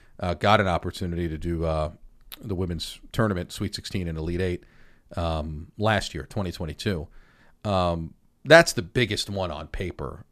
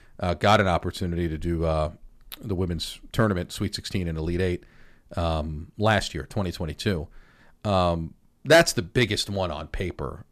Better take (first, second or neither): first